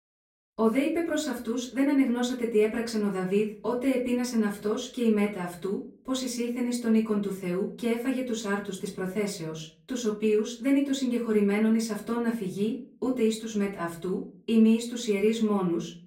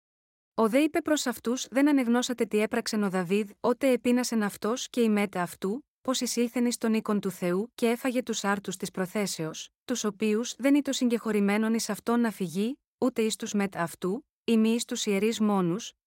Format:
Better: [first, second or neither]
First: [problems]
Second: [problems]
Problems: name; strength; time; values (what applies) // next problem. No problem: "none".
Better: second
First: off-mic speech; far // room echo; slight; dies away in 0.4 s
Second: none